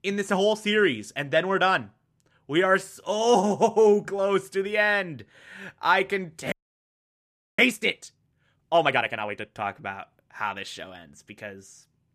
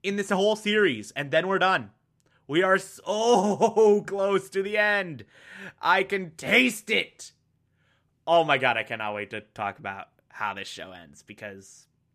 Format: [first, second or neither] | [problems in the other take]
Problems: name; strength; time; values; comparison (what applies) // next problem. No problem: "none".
second | audio freezing; at 6.5 s for 1 s